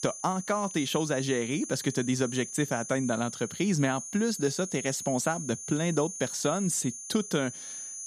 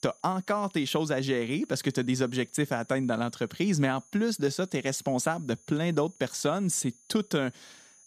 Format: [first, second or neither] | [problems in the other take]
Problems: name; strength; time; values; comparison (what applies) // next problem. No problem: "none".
second | high-pitched whine; loud; throughout; 6.5 kHz, 8 dB below the speech; faint in the second